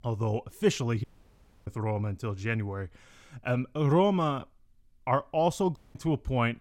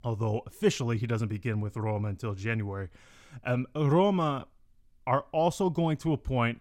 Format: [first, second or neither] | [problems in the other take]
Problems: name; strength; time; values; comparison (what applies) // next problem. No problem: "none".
second | audio cutting out; at 1 s for 0.5 s and at 6 s